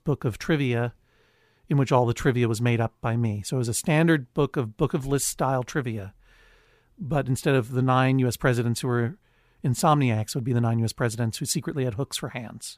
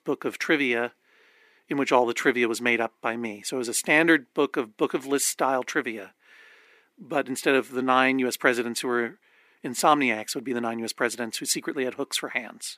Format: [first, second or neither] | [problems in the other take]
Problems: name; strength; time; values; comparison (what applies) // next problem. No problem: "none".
first | thin; somewhat; fading below 300 Hz